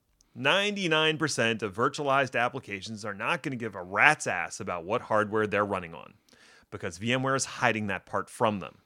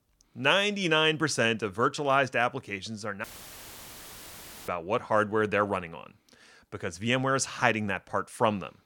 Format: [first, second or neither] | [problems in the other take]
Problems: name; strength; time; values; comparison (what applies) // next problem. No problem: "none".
first | audio cutting out; filled with static; at 3 s for 1.5 s